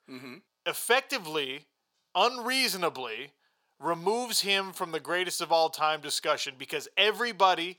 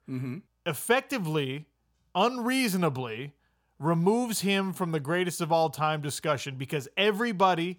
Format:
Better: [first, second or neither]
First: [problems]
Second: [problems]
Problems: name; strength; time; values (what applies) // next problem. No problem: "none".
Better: second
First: thin; somewhat; fading below 450 Hz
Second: none